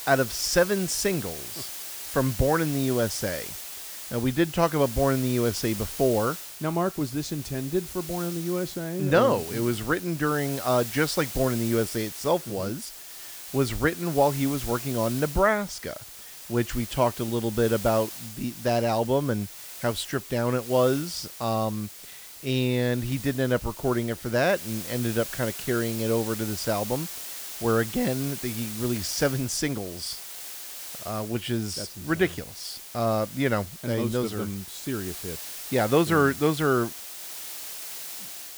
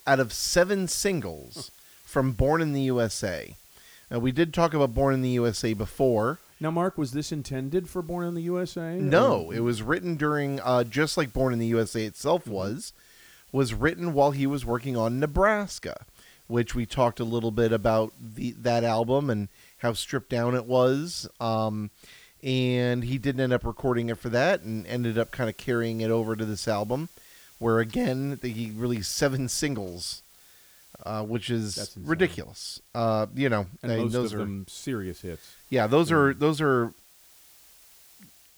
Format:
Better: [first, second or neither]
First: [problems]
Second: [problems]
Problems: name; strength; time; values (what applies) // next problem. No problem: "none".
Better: second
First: hiss; loud; throughout; 9 dB below the speech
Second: hiss; faint; throughout; 25 dB below the speech